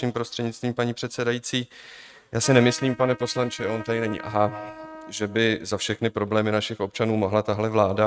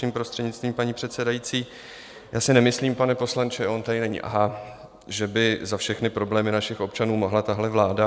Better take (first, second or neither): second